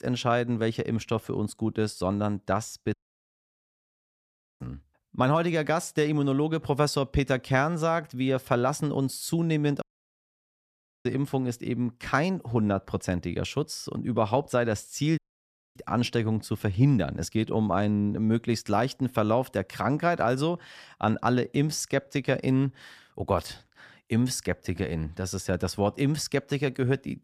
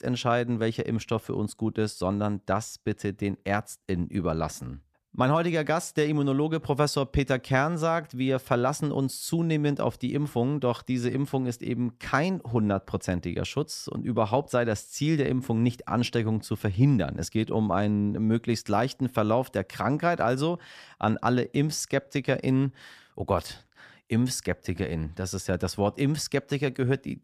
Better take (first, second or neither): second